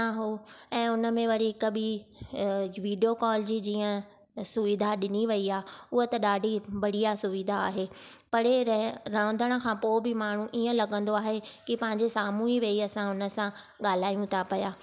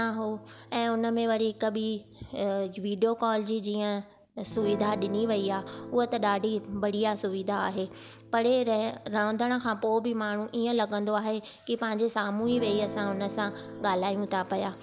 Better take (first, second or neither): first